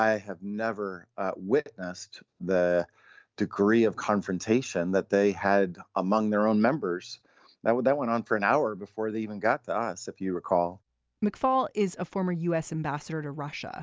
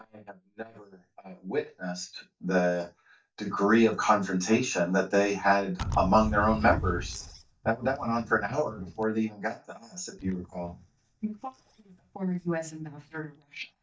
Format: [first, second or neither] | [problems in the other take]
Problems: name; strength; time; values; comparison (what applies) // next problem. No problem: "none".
first | noise reduction (neural mask model DeepFilterNet 3)